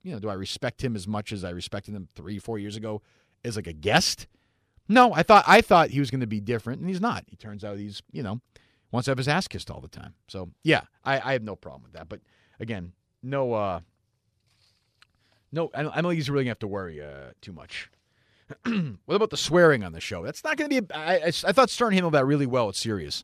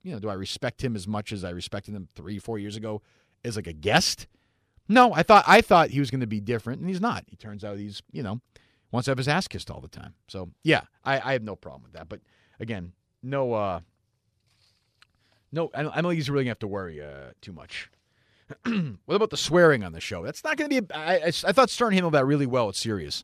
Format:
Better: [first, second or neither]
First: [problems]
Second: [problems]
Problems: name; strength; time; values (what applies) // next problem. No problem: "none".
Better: neither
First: none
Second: none